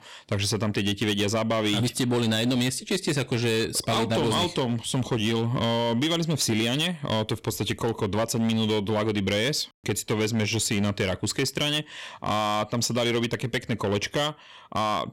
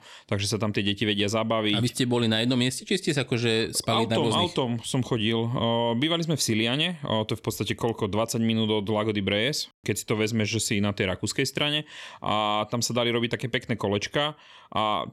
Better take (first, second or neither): second